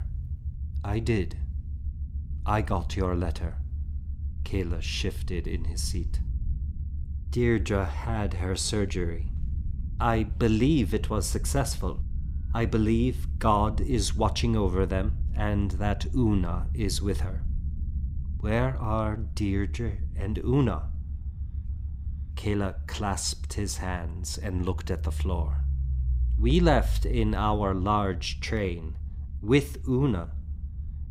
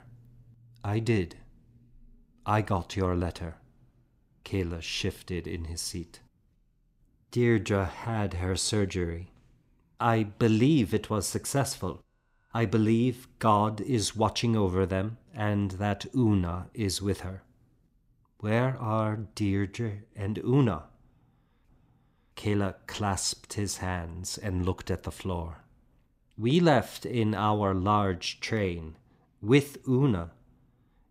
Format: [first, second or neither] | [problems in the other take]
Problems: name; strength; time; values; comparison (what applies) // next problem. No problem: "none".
second | low rumble; faint; throughout; 20 dB below the speech